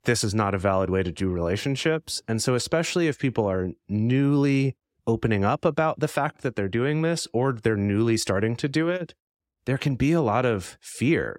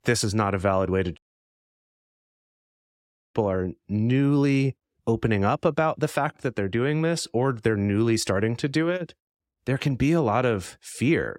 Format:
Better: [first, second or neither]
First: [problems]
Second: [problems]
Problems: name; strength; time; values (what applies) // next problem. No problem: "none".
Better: first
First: none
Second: audio cutting out; at 1 s for 2 s